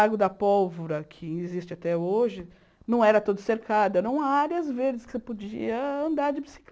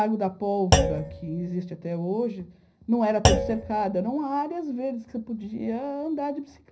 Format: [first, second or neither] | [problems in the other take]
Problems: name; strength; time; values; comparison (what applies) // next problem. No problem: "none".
first | background sound (Thump, thud); 1 dB below the speech // room echo; dies away in 0.5 s